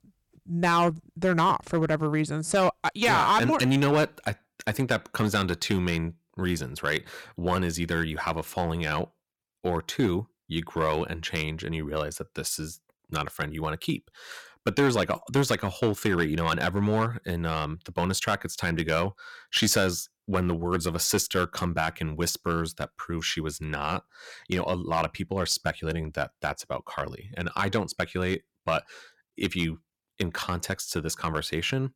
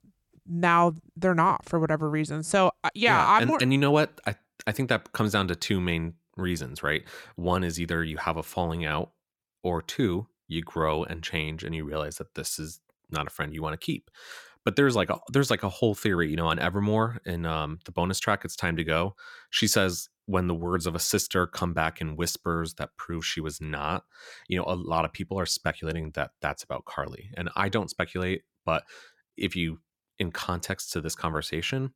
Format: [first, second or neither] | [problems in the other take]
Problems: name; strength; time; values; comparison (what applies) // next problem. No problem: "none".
second | distortion; slight; 2% of the sound clipped